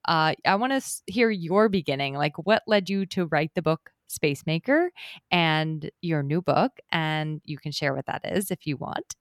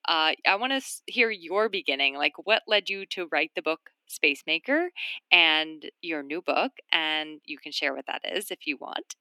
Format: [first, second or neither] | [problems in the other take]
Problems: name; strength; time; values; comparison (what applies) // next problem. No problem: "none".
first | thin; somewhat; fading below 250 Hz